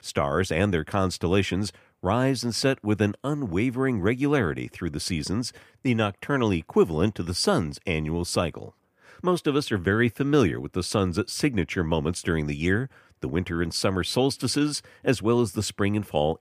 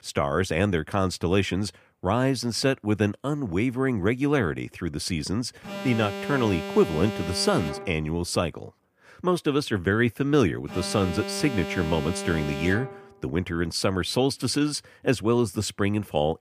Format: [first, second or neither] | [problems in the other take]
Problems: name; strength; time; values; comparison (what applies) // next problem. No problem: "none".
first | alarm; noticeable; from 5.5 to 13 s; peak 7 dB below the speech